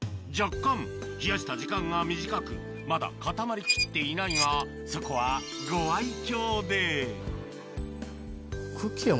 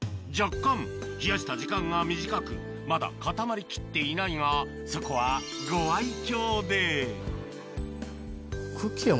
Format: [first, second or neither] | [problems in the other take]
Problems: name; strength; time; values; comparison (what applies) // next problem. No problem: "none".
second | background sound (Squeak); 5 dB below the speech